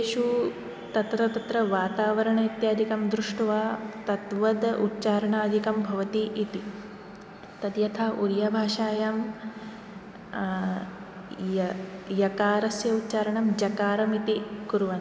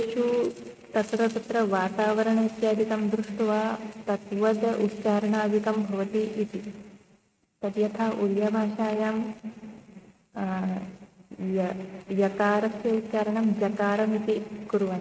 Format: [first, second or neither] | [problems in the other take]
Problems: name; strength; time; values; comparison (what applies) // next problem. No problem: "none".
first | noise reduction (neural mask model RNNoise)